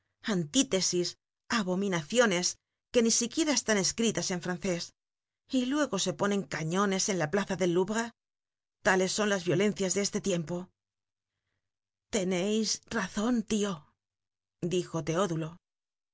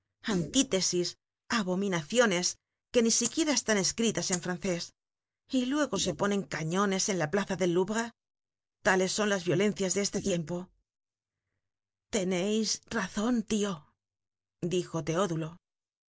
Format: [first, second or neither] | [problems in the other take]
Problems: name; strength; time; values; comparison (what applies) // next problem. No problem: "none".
first | noise reduction (neural mask model Resemble Enhance denoiser)